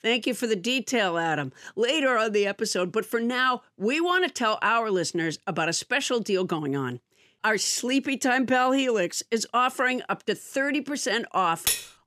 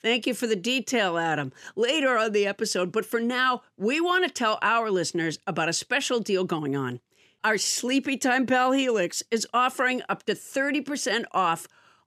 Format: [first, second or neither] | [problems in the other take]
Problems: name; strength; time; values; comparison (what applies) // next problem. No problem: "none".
second | clattering dishes; noticeable; at 11 s; peak level with the speech